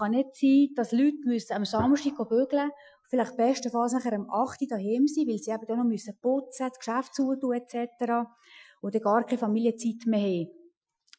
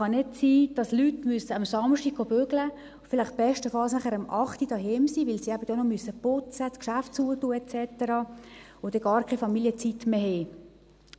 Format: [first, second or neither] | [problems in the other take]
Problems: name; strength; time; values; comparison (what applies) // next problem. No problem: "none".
second | noise reduction (classical method Wiener filter)